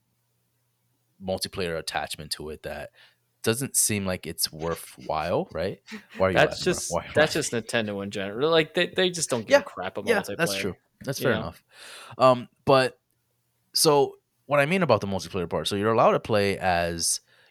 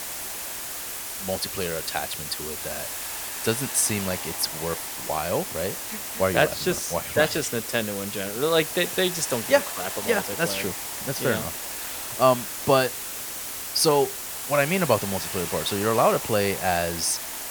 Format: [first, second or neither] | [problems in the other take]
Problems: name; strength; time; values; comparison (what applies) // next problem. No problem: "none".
first | hiss; loud; throughout; 5 dB below the speech